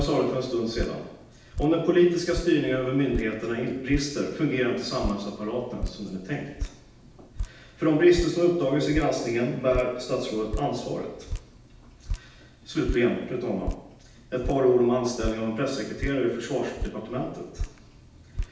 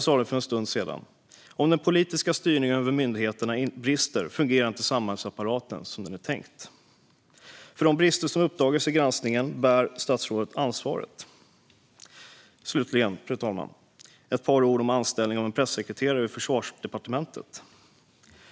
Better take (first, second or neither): second